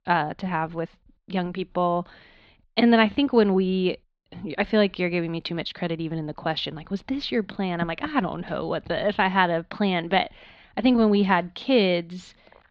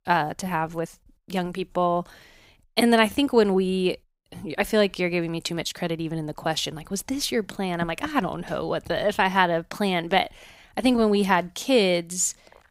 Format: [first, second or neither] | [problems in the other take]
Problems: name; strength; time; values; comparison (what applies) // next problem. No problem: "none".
second | muffled; very slightly; fading above 4 kHz